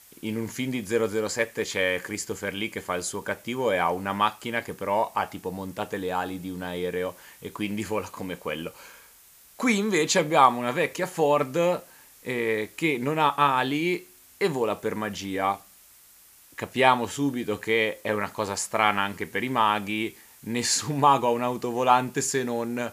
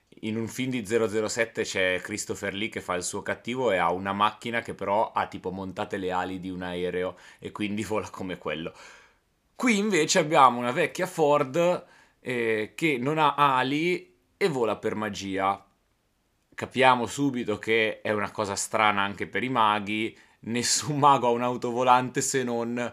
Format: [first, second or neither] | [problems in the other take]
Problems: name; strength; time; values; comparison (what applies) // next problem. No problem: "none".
second | hiss; faint; throughout; 25 dB below the speech